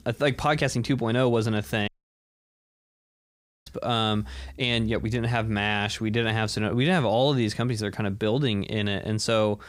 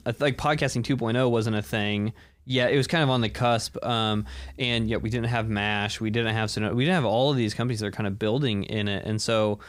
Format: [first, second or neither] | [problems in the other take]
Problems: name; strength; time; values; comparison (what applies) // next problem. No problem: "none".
second | audio cutting out; at 2 s for 2 s